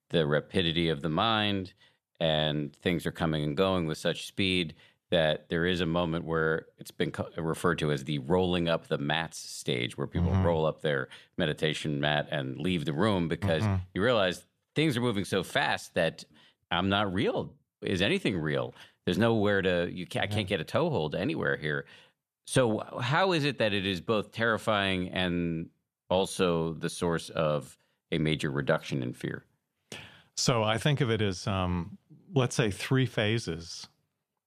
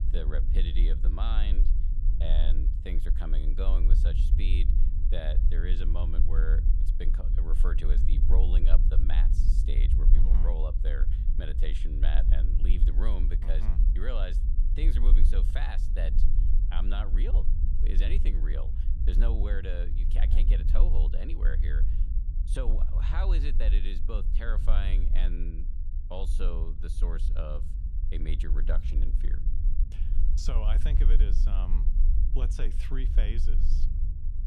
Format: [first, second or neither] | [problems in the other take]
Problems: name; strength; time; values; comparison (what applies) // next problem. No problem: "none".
first | low rumble; loud; throughout; 7 dB below the speech